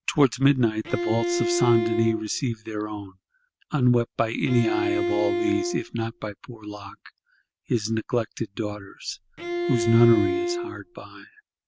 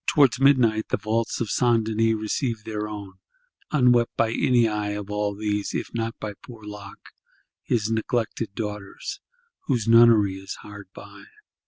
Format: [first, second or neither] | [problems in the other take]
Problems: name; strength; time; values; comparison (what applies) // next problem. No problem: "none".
second | background sound (Bowed string instrument); 2 dB below the speech